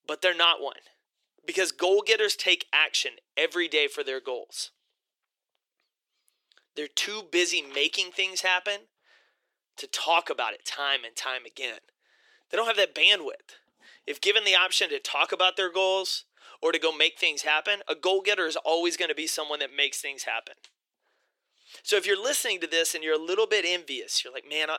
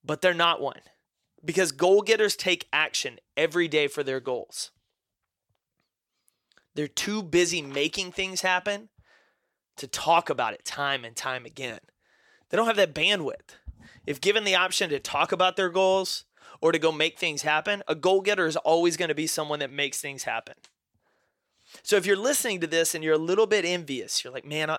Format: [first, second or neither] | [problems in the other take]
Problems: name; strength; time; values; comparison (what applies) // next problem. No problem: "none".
second | thin; somewhat; fading below 350 Hz